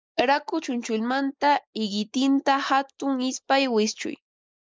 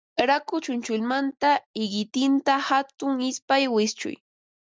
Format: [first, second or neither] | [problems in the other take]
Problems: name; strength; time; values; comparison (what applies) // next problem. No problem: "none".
second | noise reduction (neural mask model Resemble Enhance denoiser)